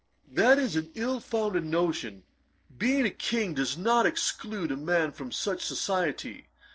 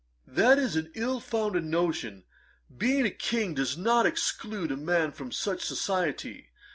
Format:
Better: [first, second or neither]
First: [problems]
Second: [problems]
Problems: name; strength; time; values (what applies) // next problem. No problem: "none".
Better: second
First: noise reduction (neural separator model SepFormer DNS4)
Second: none